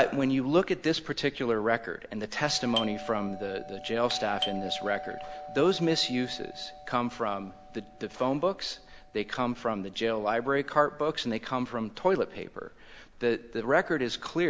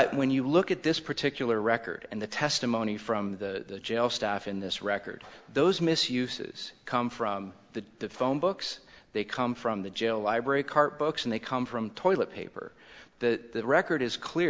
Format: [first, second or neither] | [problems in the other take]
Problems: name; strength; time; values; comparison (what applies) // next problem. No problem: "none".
second | background sound (Doorbell); 14 dB below the speech